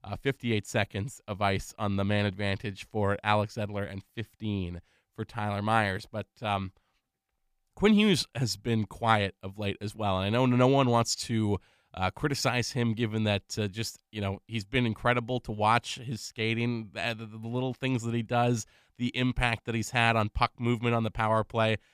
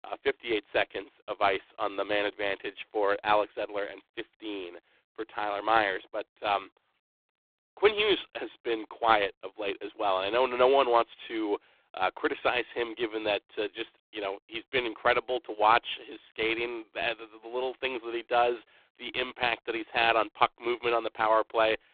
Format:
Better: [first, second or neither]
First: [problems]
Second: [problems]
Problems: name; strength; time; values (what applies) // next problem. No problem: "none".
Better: first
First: none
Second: phone-call audio; poor line